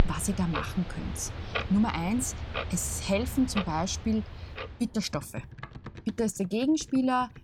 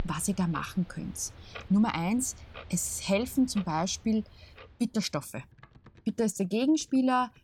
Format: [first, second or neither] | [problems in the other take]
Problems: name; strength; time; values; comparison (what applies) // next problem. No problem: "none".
second | household noises; loud; throughout; 8 dB below the speech; faint in the second